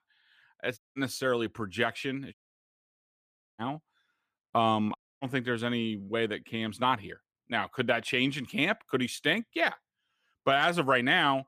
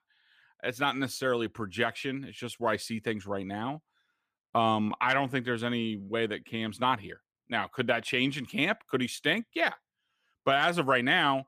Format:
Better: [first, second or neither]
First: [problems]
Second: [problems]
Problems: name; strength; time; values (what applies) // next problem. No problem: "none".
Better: second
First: audio cutting out; at 1 s, at 2.5 s for 1 s and at 5 s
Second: none